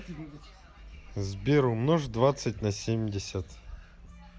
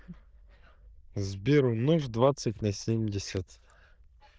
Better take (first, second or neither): first